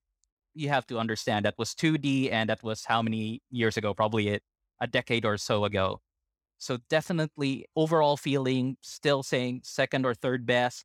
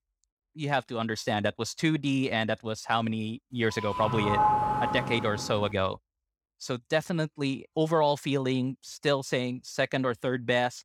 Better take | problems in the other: first | doorbell; loud; from 4 to 5.5 s; peak 5 dB above the speech

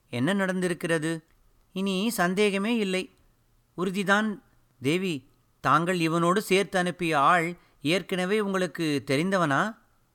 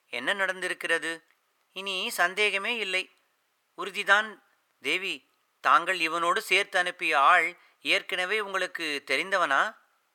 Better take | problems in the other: first | thin; very; fading below 600 Hz

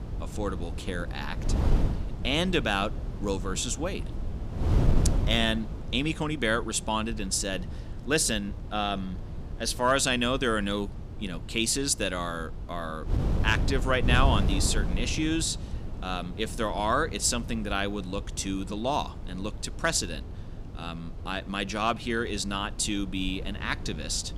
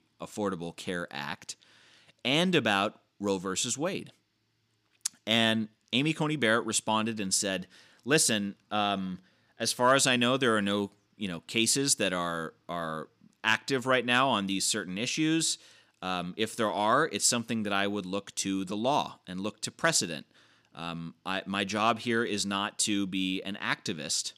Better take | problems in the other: second | wind noise on the microphone; occasional gusts; 15 dB below the speech

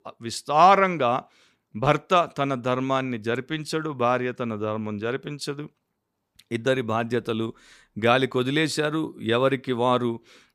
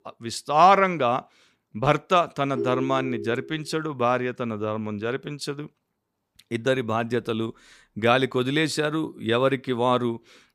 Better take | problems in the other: first | phone ringing; noticeable; at 2.5 s; peak 5 dB below the speech

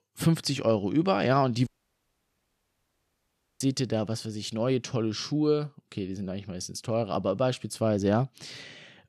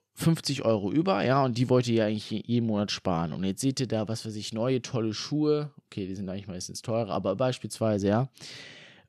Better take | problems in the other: second | audio cutting out; at 1.5 s for 2 s

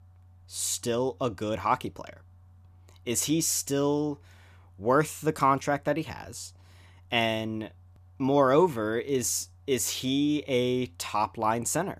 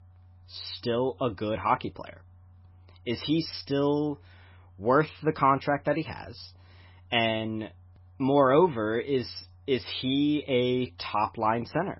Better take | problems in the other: first | garbled, watery; badly; nothing above 5.5 kHz

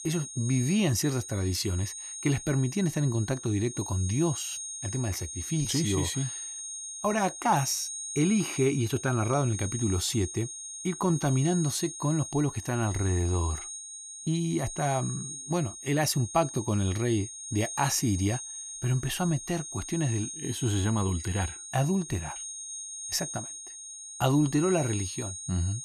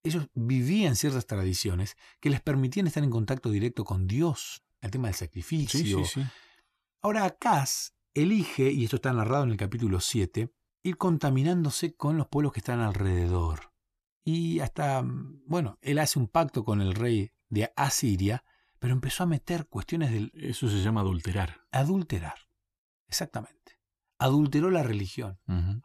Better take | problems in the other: second | high-pitched whine; loud; throughout; 6.5 kHz, 8 dB below the speech

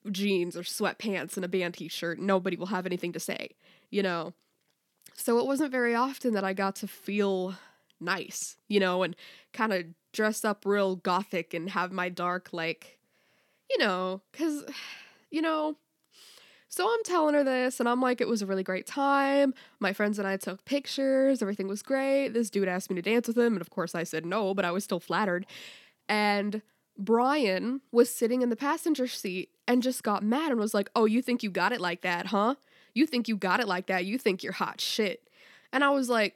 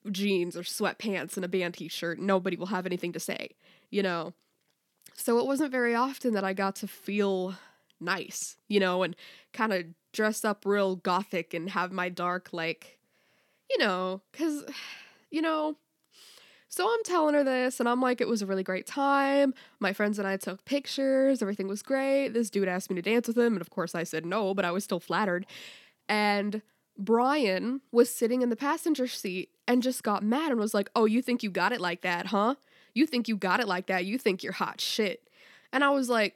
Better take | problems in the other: neither | none

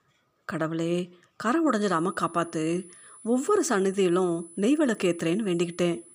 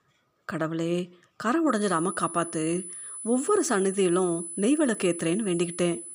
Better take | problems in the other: first | high-pitched whine; loud; from 2 s on; 10 kHz, 9 dB below the speech; faint in the first

